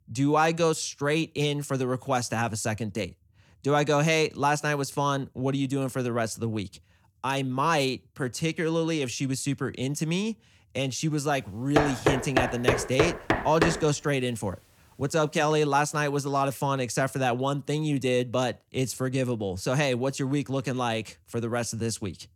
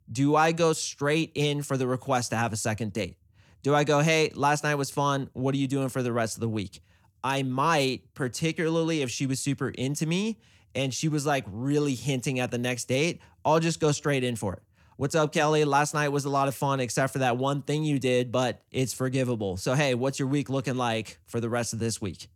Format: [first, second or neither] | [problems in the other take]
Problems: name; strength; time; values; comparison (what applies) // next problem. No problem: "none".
second | door banging; loud; from 12 to 14 s; peak 2 dB above the speech